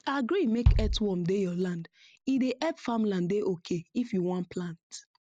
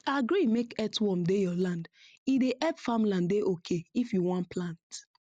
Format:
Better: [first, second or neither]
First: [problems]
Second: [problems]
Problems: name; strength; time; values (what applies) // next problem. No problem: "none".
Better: second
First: background sound (Bass drum); as loud as the speech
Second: none